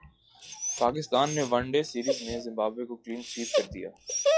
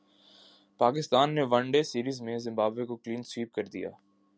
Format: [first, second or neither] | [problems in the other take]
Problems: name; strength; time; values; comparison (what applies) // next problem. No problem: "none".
second | noise reduction (classical method log-MMSE)